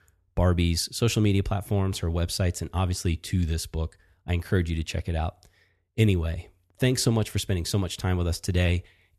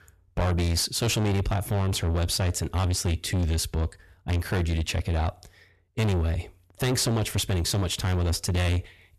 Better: first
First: none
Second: distortion; heavy; 6 dB below the speech

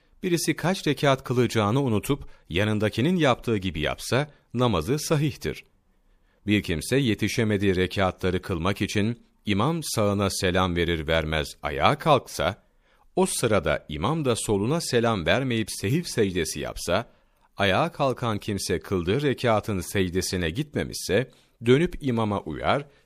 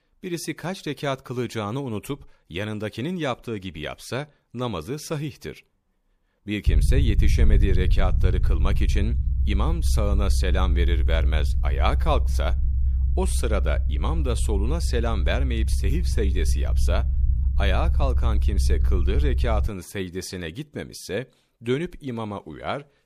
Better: first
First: none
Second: low rumble; noticeable; from 6.5 to 20 s; 10 dB below the speech

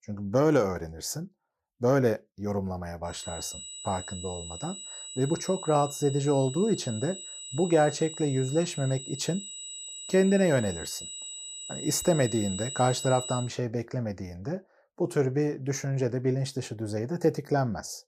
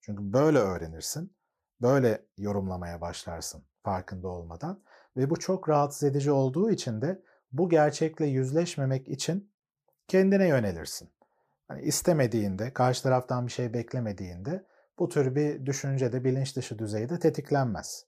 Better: second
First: high-pitched whine; loud; from 3 to 13 s; 8 kHz, 9 dB below the speech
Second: none

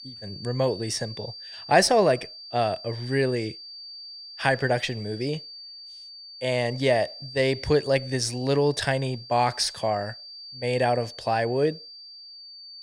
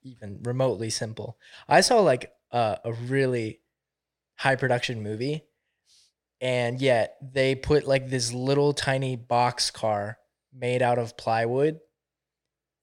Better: second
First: high-pitched whine; noticeable; throughout; 4.5 kHz, 15 dB below the speech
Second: none

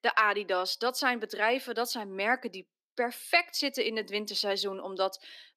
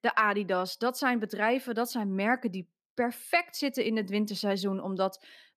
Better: second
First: thin; somewhat; fading below 300 Hz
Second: none

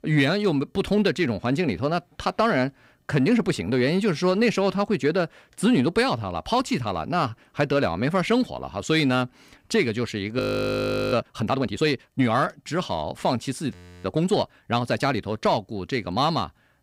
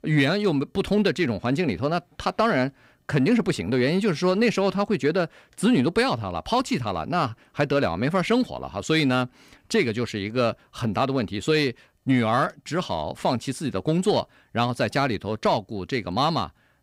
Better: second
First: audio freezing; at 10 s for 0.5 s and at 14 s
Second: none

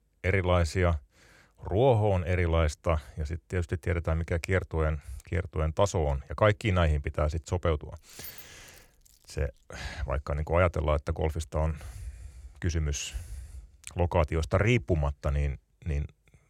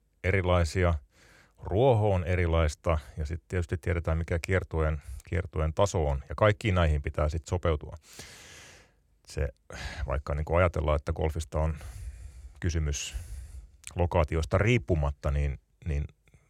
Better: second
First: jangling keys; faint; from 8 to 9.5 s; peak 15 dB below the speech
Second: none

